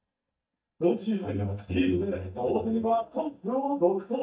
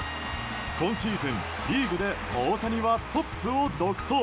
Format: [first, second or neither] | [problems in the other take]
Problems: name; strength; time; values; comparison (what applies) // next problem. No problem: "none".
second | noise reduction (neural mask model DeepFilterNet 3)